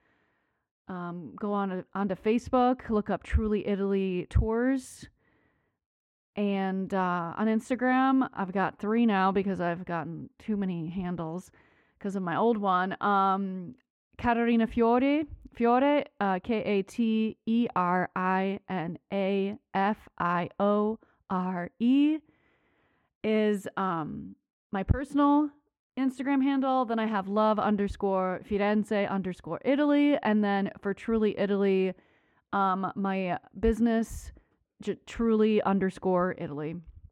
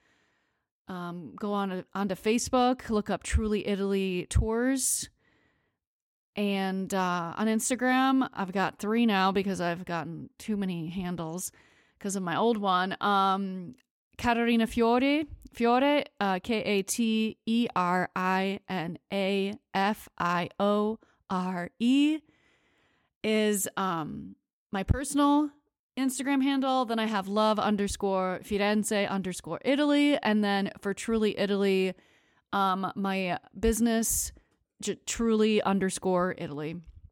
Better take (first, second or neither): second